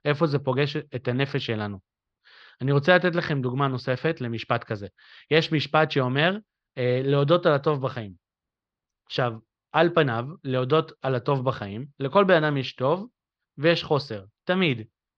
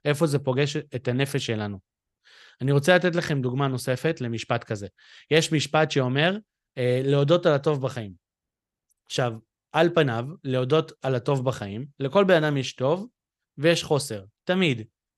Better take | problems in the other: second | muffled; very slightly; fading above 4.5 kHz

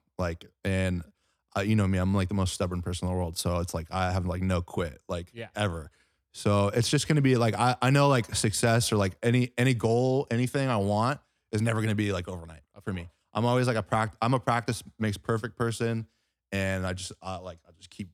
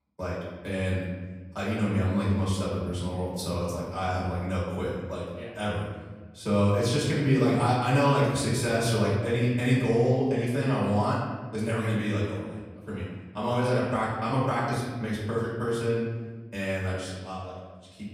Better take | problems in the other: first | off-mic speech; far // room echo; noticeable; dies away in 1.3 s

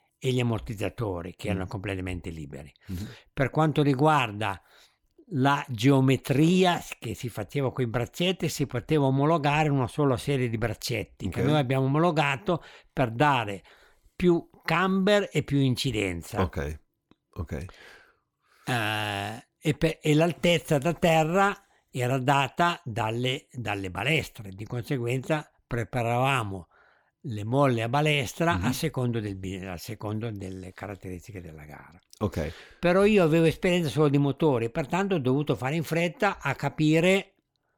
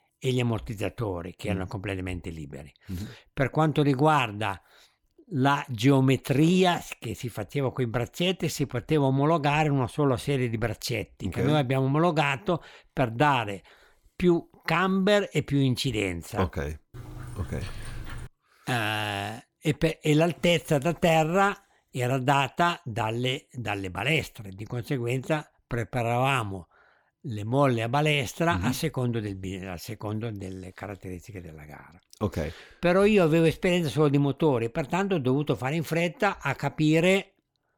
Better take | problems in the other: first | dog barking; faint; from 17 to 18 s; peak 15 dB below the speech

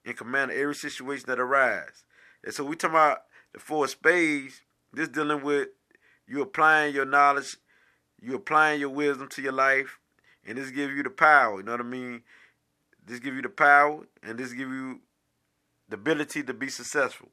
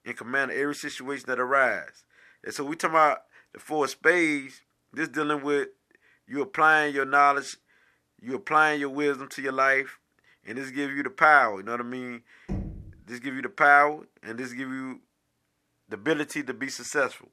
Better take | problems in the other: first | door banging; faint; at 12 s; peak 10 dB below the speech

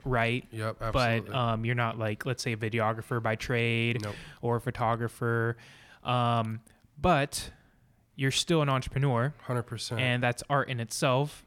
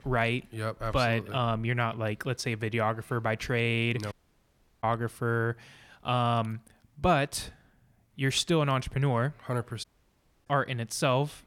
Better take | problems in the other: first | audio cutting out; at 4 s for 0.5 s and at 10 s for 0.5 s

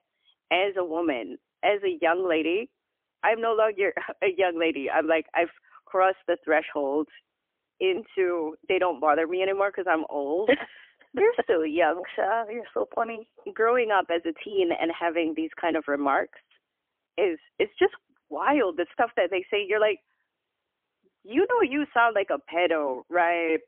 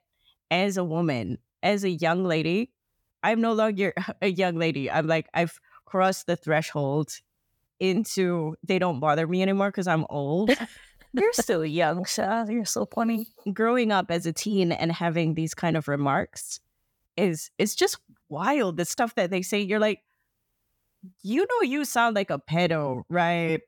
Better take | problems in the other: second | phone-call audio; poor line; nothing above 3 kHz

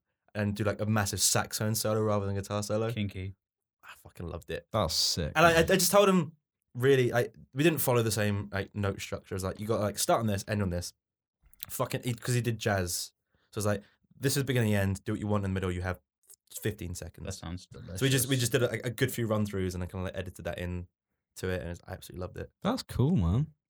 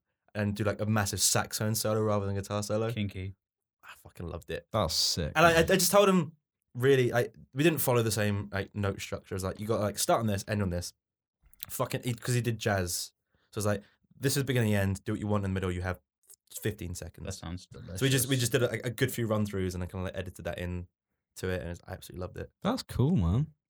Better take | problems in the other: neither | none

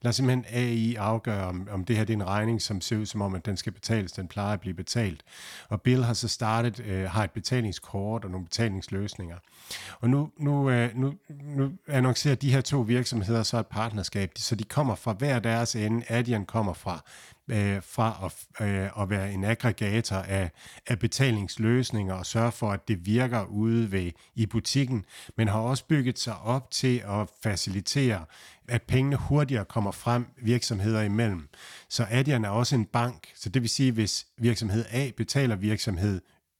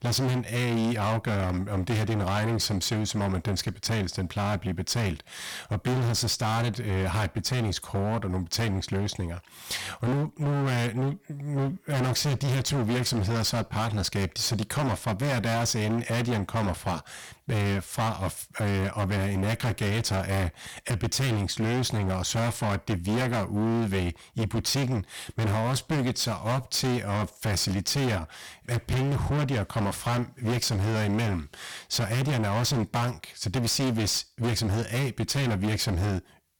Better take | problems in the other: first | distortion; heavy; 30% of the sound clipped

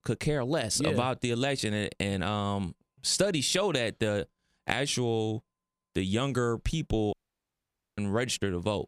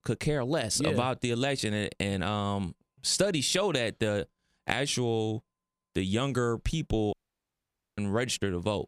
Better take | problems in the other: neither | audio cutting out; at 7 s for 1 s; the same in both

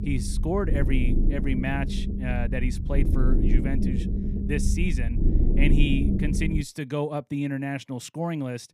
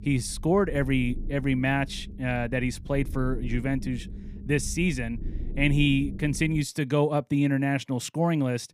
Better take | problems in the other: second | low rumble; loud; until 6.5 s; 5 dB below the speech; faint in the second

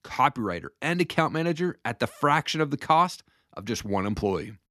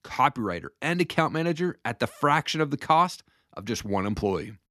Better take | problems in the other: neither | none

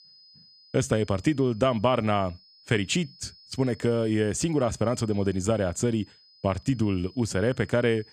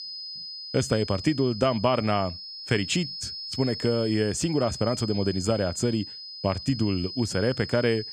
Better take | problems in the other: first | high-pitched whine; loud; throughout; 5 kHz, 9 dB below the speech; faint in the first

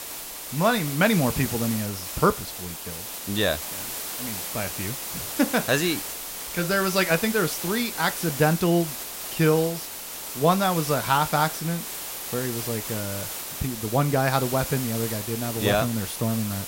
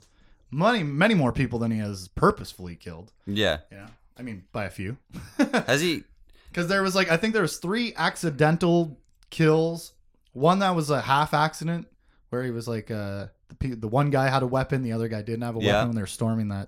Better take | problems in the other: second | hiss; loud; throughout; 6 dB below the speech

